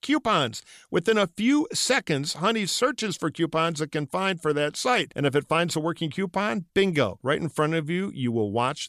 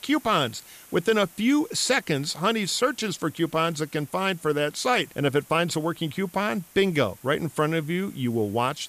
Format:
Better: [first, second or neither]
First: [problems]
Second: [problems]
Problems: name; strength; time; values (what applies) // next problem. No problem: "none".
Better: first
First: none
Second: hiss; faint; throughout; 25 dB below the speech